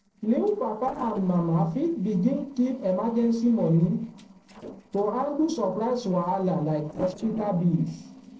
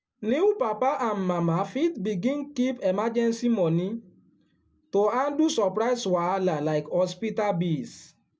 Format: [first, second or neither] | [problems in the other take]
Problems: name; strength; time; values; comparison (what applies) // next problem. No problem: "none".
second | noise reduction (neural separator model SepFormer DNS4)